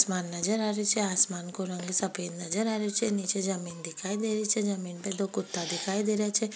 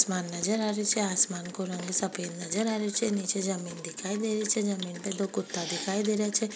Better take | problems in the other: first | background sound (Rain); 16 dB below the speech

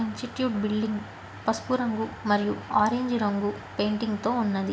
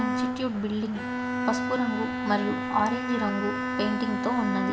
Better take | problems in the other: first | background sound (Bowed string instrument); 1 dB below the speech

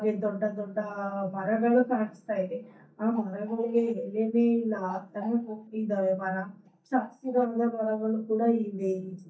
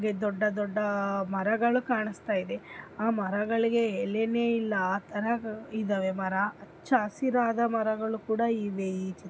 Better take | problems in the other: second | noise reduction (neural mask model DeepFilterNet 3)

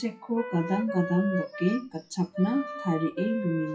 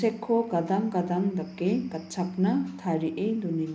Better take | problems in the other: second | noise reduction (classical method WPE with log-MMSE)

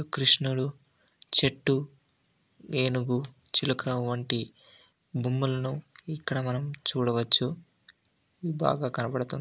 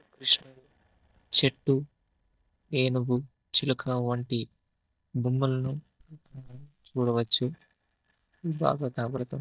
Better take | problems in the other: first | noise reduction (neural mask model DeepFilterNet 3)

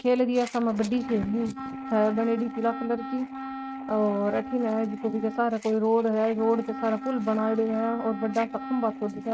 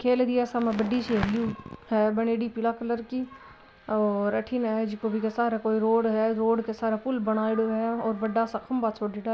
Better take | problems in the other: second | noise reduction (neural mask model RNNoise)

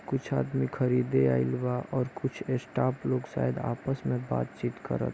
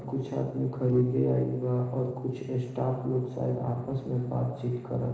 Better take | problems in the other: first | noise reduction (neural separator model SepFormer DNS4)

